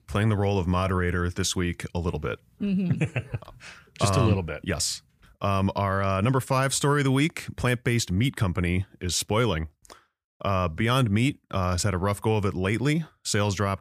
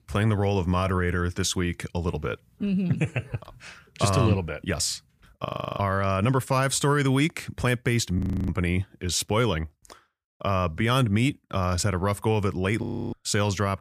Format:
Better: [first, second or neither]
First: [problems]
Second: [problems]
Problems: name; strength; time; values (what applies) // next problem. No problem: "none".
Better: first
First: none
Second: audio freezing; at 5.5 s, at 8 s and at 13 s